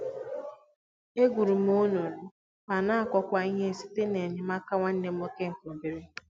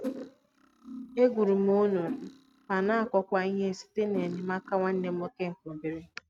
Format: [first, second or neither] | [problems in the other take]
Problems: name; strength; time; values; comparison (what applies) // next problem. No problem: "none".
first | noise reduction (neural mask model RNNoise)